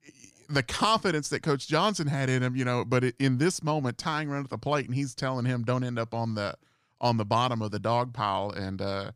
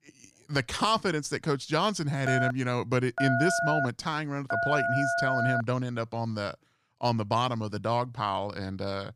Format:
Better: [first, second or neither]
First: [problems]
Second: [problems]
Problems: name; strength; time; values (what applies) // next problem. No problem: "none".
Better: first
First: none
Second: phone ringing; loud; from 2.5 to 5.5 s; peak 2 dB above the speech